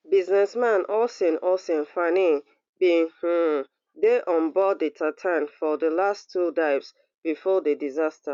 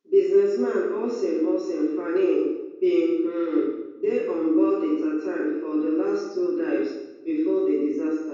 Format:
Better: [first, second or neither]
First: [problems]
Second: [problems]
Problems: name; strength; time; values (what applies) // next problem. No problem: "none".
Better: first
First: none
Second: room echo; dies away in 1.1 s